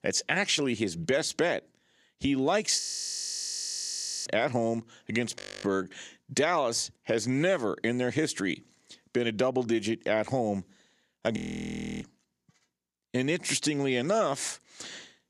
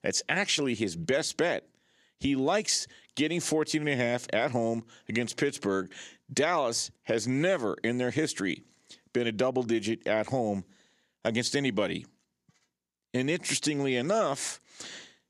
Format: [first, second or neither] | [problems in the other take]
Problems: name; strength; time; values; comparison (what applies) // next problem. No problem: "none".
second | audio freezing; at 3 s for 1.5 s, at 5.5 s and at 11 s for 0.5 s